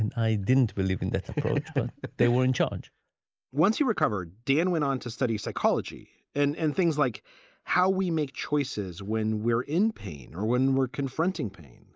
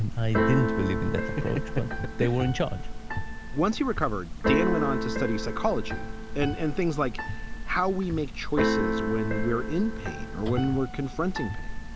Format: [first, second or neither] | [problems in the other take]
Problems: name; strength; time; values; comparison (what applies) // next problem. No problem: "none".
first | background sound (Keyboard (musical)); 1 dB below the speech